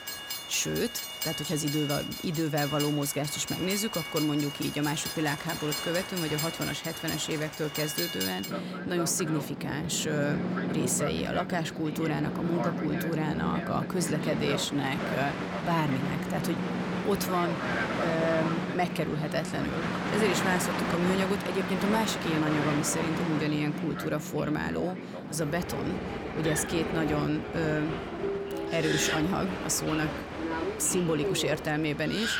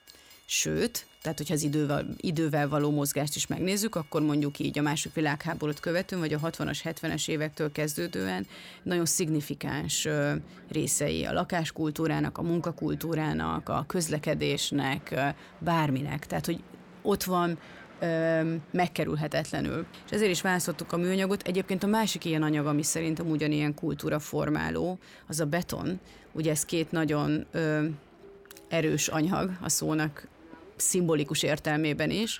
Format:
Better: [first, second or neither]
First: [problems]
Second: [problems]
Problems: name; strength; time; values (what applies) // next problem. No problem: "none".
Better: second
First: train or aircraft noise; loud; throughout; 3 dB below the speech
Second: train or aircraft noise; faint; throughout; 25 dB below the speech